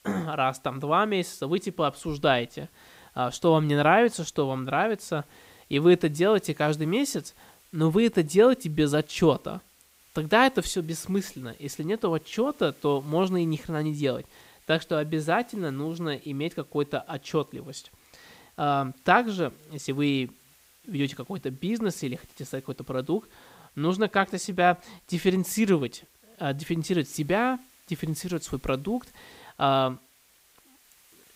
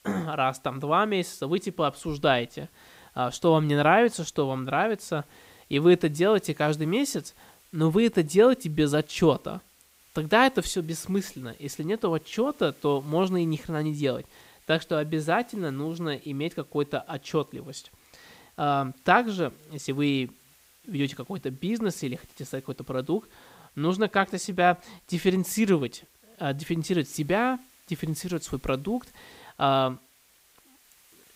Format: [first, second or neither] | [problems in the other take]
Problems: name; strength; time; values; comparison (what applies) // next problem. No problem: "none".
neither | hiss; faint; throughout; 30 dB below the speech; the same in both